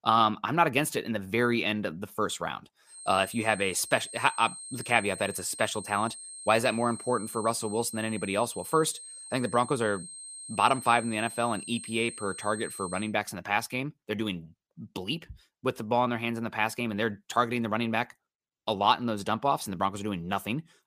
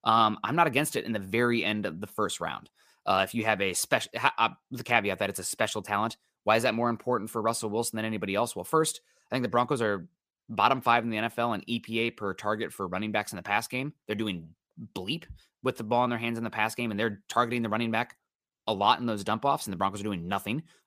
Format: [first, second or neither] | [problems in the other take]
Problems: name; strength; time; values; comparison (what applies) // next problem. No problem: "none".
second | high-pitched whine; noticeable; from 3 to 13 s; 8.5 kHz, 10 dB below the speech